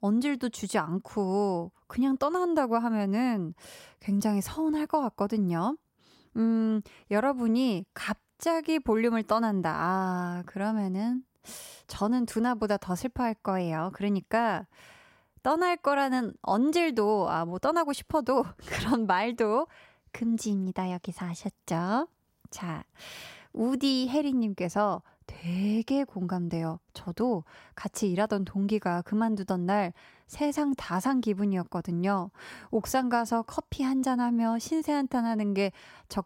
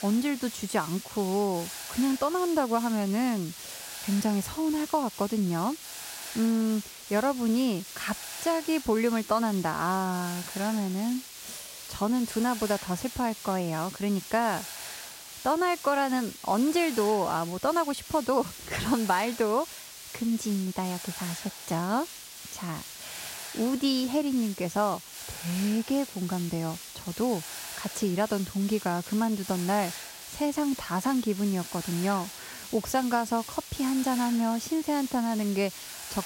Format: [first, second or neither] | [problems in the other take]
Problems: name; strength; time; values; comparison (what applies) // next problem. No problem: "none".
first | hiss; noticeable; throughout; 10 dB below the speech